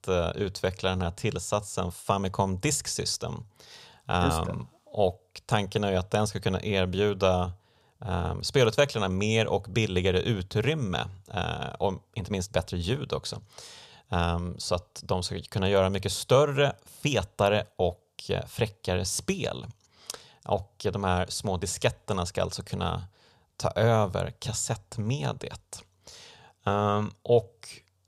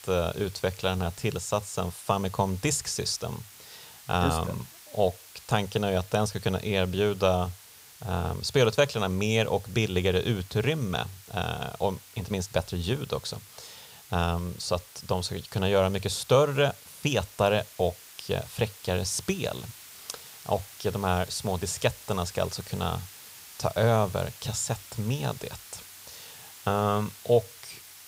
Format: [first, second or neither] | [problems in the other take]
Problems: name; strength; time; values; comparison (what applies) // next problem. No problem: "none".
first | hiss; noticeable; throughout; 20 dB below the speech